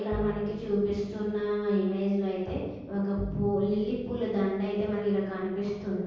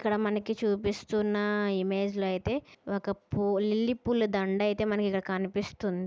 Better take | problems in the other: second | background sound (Bowed string instrument); 15 dB below the speech // room echo; dies away in 1.3 s

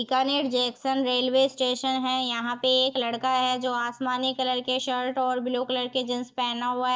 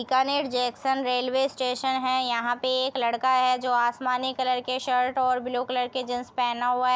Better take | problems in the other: second | noise reduction (neural mask model DeepFilterNet 3)

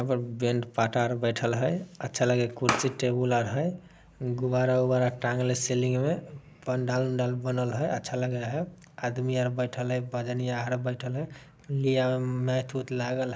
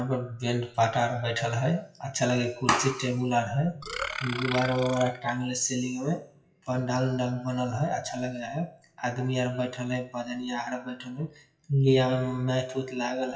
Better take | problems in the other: first | noise reduction (classical method WPE with log-MMSE)

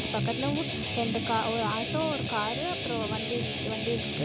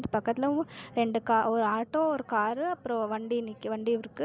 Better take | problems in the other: second | background sound (Guitar); as loud as the speech

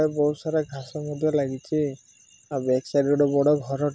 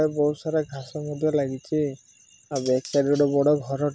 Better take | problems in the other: first | background sound (Cutlery, silverware); 19 dB below the speech

